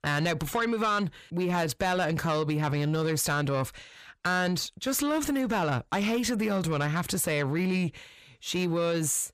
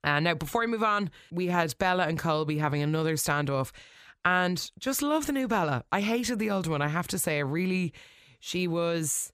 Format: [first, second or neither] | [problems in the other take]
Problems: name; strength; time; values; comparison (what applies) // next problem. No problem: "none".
second | distortion; slight; 10 dB below the speech